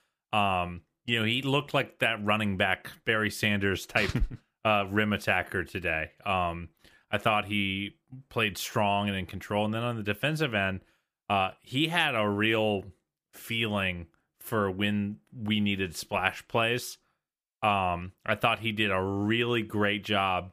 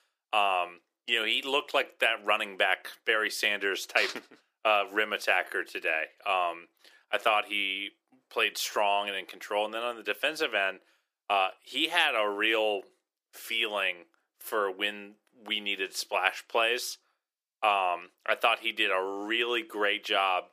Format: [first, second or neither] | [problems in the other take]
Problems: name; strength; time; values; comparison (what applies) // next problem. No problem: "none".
first | thin; very; fading below 350 Hz